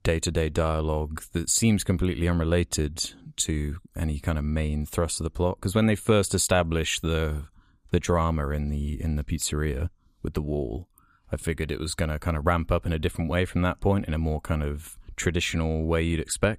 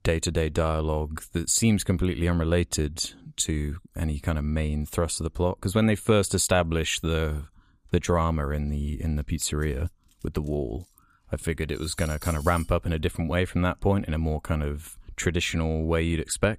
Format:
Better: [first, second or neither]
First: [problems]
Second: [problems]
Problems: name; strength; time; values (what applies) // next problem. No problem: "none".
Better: first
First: none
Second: clattering dishes; faint; from 9.5 to 13 s; peak 10 dB below the speech